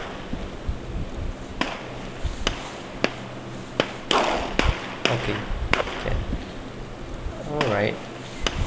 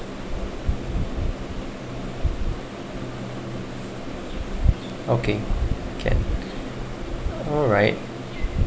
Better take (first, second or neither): second